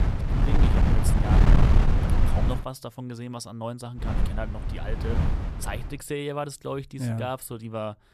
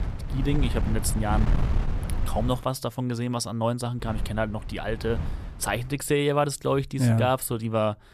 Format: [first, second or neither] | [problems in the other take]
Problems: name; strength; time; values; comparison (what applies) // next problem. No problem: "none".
second | wind noise on the microphone; heavy; until 2.5 s and from 4 to 6 s; 2 dB above the speech; occasional gusts in the second